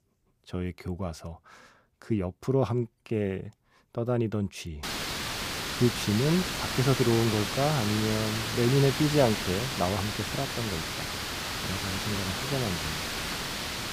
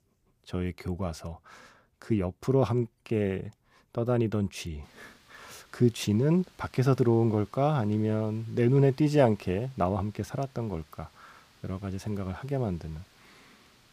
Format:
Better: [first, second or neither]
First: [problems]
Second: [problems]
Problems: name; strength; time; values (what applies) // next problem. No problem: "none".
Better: second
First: hiss; loud; from 5 s on; 2 dB below the speech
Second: hiss; faint; from 5 s on; 30 dB below the speech